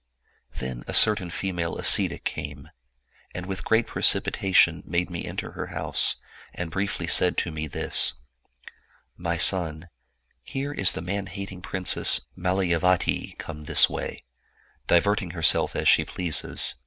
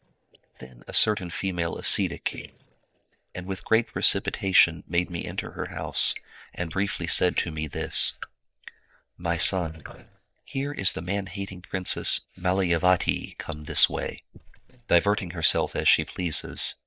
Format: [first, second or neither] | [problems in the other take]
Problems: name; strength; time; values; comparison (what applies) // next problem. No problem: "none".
first | noise reduction (neural mask model DeepFilterNet 3)